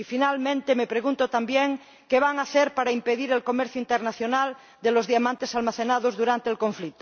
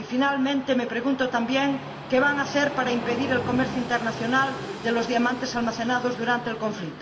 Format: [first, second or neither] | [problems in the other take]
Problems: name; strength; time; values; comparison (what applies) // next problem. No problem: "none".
first | background sound (Train); 10 dB below the speech // room echo; dies away in 1.9 s